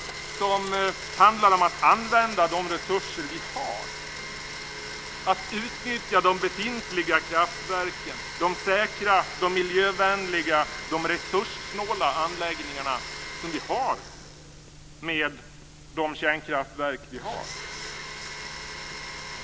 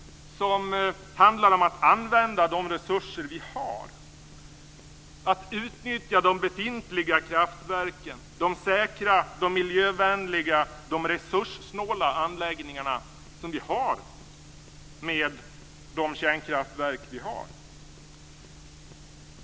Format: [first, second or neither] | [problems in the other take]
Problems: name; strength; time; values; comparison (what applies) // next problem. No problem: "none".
second | background sound (Domestic sounds, home sounds); 11 dB below the speech